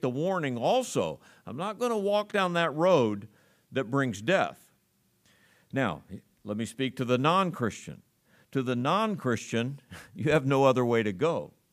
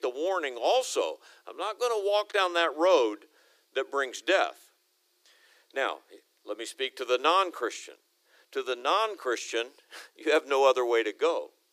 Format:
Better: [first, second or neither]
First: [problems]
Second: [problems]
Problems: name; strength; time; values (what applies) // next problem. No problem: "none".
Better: first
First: none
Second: thin; very; fading below 300 Hz